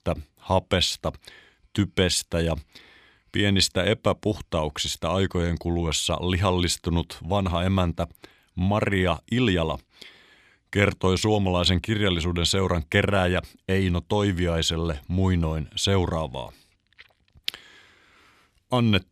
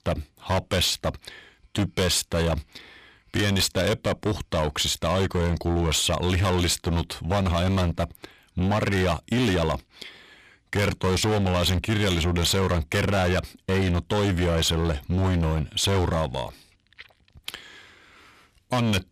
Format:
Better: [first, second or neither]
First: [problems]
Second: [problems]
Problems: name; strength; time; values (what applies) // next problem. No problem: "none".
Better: first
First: none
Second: distortion; heavy; 20% of the sound clipped